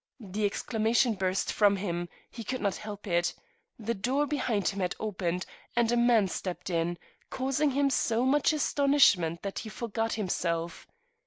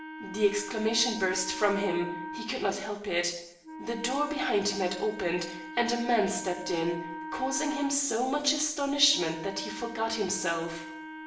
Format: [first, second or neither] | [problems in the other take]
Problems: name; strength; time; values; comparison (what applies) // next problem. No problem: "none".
first | background sound (Wind instrument, woodwind instrument); 11 dB below the speech // room echo; dies away in 0.7 s